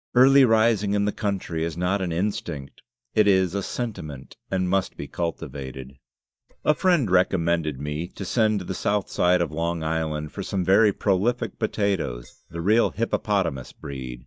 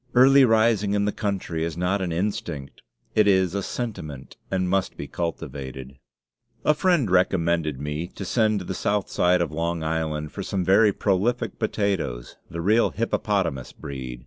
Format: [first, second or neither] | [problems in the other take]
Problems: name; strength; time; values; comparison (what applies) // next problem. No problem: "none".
second | noise reduction (neural mask model DeepFilterNet 3)